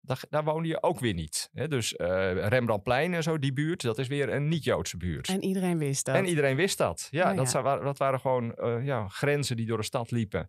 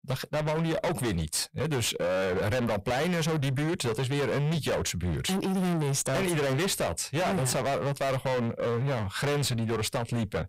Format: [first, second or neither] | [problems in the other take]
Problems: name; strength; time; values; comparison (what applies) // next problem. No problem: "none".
first | distortion; heavy; 35% of the sound clipped